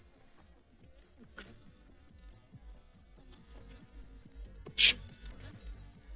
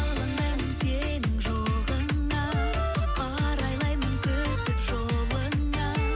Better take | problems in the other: second | noise reduction (neural mask model DeepFilterNet 3)

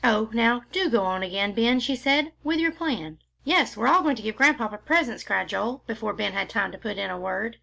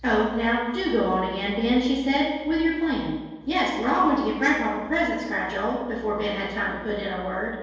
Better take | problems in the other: first | room echo; dies away in 1.2 s

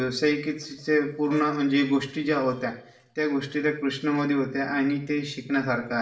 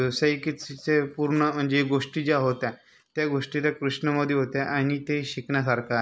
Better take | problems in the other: second | background sound (Wind instrument, woodwind instrument); 19 dB below the speech // room echo; dies away in 0.6 s

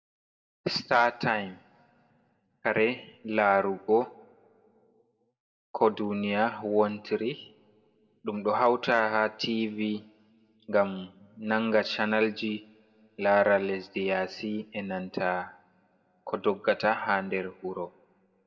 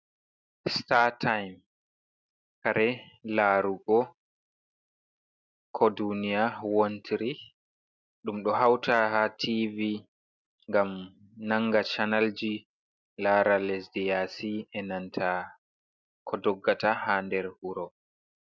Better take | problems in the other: second | room echo; dies away in 0.7 s

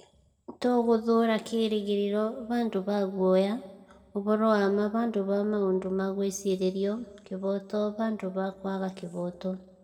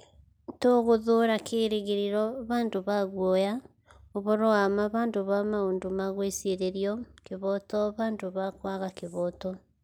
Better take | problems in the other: second | room echo; dies away in 1.4 s

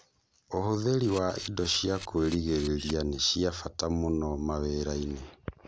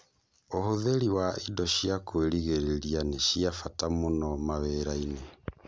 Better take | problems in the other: second | background sound (Camera); 16 dB below the speech

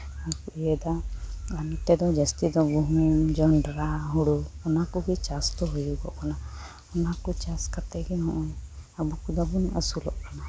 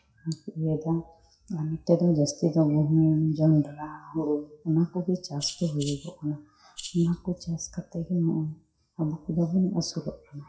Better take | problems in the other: first | noise reduction (classical method WPE with log-MMSE)

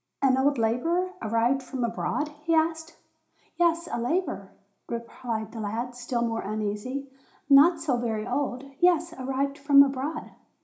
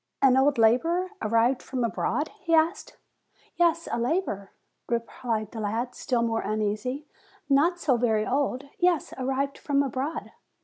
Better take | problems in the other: second | room echo; dies away in 0.4 s

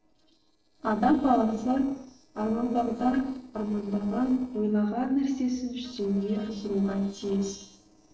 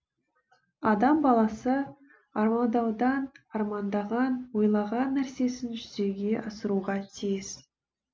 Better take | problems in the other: second | noise reduction (neural separator model SepFormer DNS4)

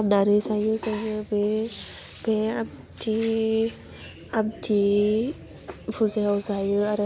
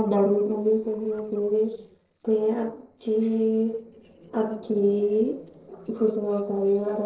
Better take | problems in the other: first | noise reduction (neural separator model SepFormer DNS4)

